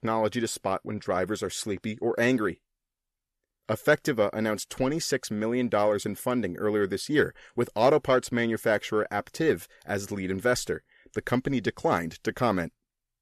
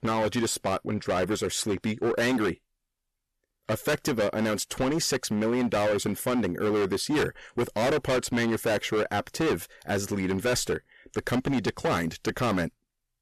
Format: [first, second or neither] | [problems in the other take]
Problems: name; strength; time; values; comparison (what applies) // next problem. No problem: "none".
first | distortion; heavy; 17% of the sound clipped